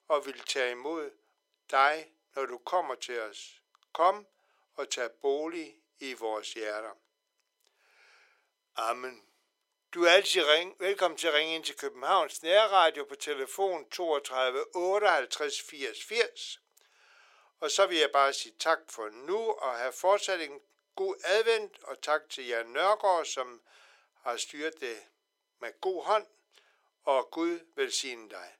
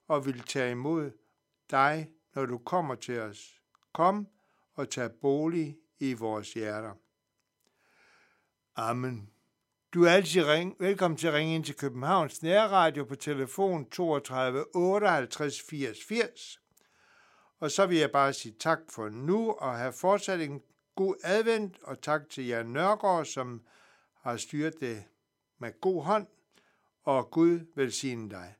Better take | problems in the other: second | thin; very; fading below 450 Hz

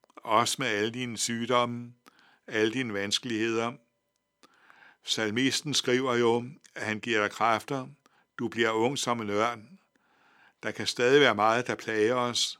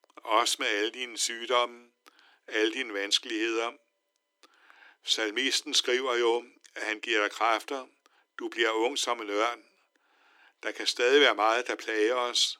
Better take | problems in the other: first | thin; somewhat; fading below 300 Hz

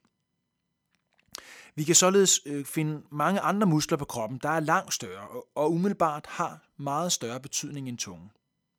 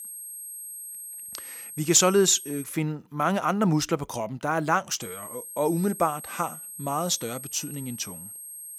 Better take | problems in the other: first | high-pitched whine; noticeable; until 2.5 s and from 5 s on; 8.5 kHz, 10 dB below the speech

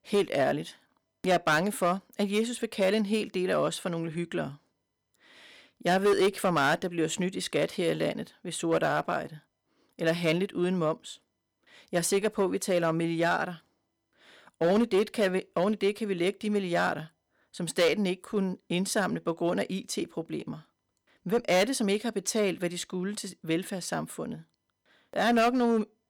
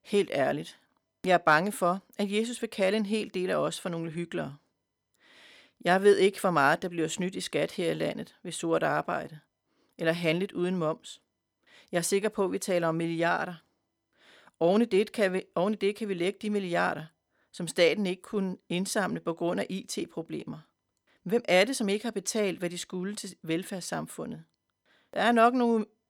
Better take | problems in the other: second | distortion; slight; 4% of the sound clipped

